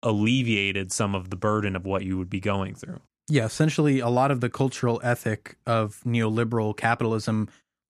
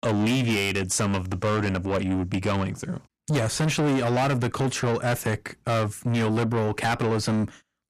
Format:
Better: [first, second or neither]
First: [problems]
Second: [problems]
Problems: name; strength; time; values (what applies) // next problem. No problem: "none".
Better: first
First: none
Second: distortion; heavy; 6 dB below the speech